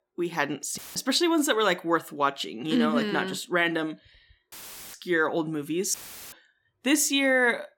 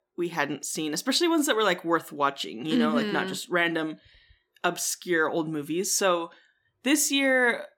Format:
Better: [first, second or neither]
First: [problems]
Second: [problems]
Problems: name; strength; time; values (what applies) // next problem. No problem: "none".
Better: second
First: audio cutting out; filled with static; at 1 s, at 4.5 s and at 6 s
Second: none